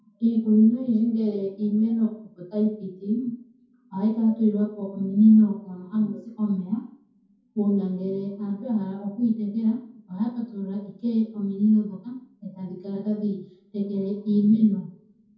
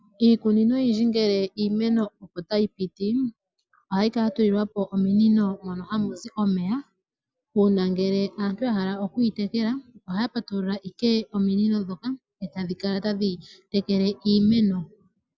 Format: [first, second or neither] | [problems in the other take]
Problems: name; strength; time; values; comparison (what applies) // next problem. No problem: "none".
second | room echo; dies away in 0.6 s